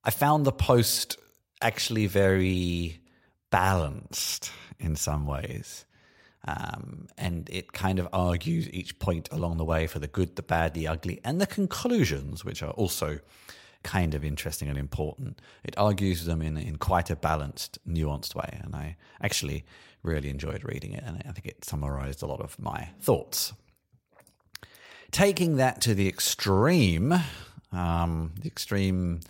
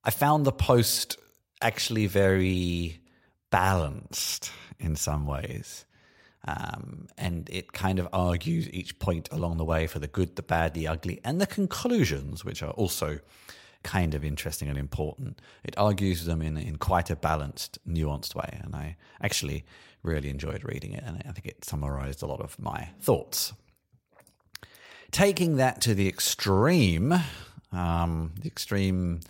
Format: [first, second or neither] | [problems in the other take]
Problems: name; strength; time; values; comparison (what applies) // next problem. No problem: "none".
neither | none